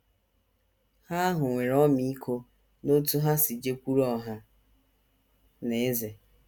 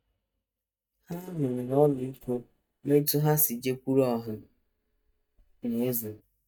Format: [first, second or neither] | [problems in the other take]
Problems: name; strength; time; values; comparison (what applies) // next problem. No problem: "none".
first | noise reduction (neural mask model DeepFilterNet 3)